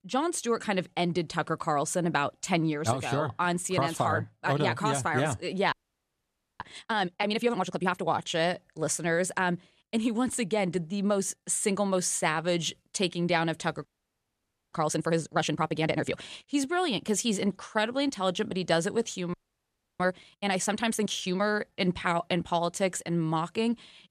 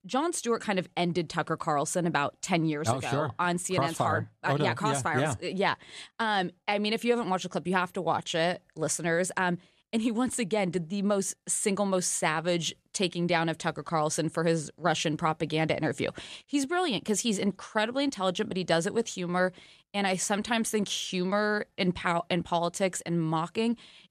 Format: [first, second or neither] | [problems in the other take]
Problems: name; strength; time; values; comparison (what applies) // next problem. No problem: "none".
second | audio freezing; at 5.5 s for 1 s, at 14 s for 1 s and at 19 s for 0.5 s